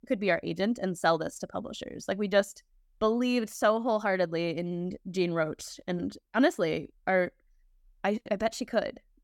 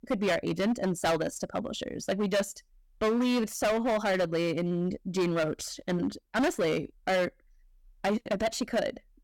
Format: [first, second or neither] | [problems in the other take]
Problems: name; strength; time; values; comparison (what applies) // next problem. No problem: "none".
first | distortion; heavy; 13% of the sound clipped